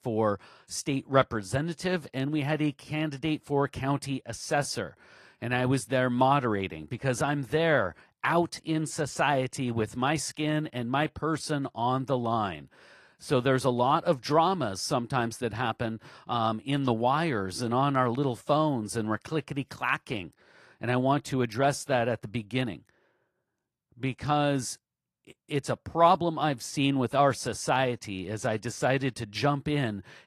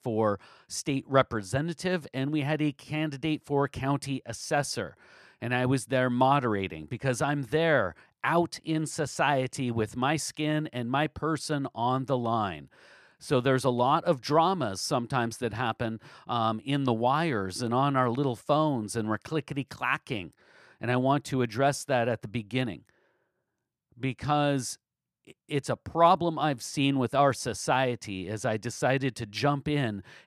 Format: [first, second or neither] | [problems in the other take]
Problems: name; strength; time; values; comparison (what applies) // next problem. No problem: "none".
second | garbled, watery; slightly